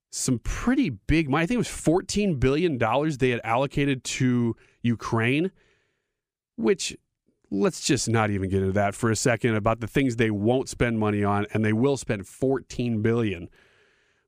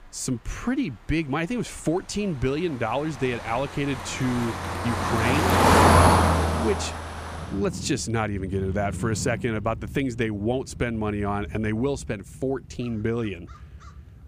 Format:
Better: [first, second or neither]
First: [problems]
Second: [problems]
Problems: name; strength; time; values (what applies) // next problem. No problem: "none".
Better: first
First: none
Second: traffic noise; very loud; throughout; 5 dB above the speech